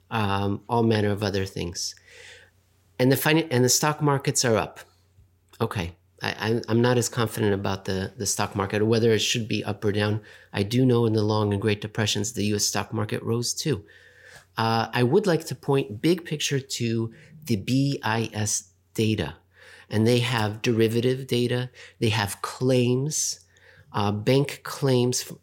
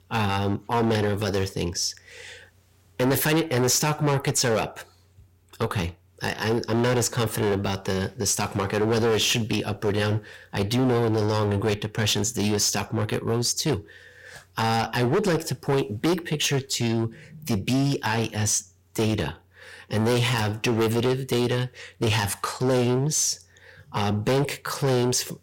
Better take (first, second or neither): first